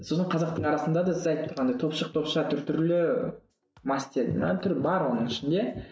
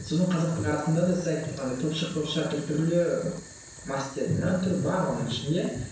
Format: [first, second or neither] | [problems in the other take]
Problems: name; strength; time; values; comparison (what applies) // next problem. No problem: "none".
first | background sound (Boiling); 18 dB below the speech // room echo; dies away in 0.3 s